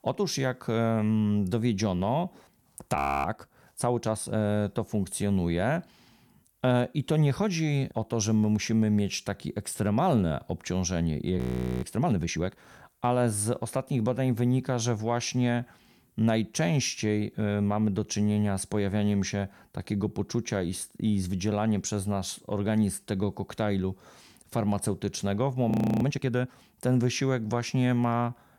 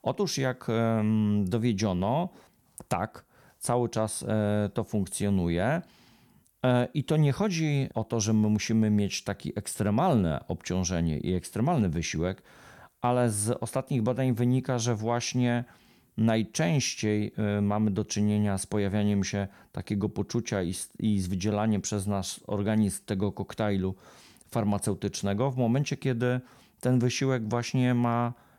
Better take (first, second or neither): second